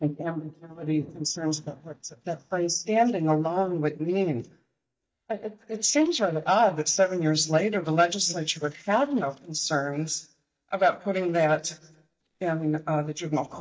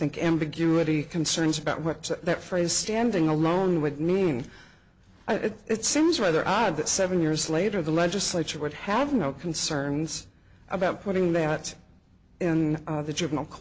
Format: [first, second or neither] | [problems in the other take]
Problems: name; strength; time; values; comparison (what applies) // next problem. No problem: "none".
second | noise reduction (neural mask model DeepFilterNet 3)